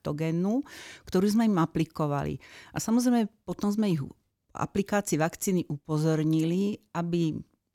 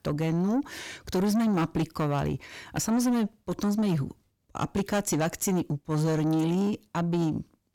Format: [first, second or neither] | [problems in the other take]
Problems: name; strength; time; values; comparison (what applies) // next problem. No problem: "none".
first | distortion; slight; 10 dB below the speech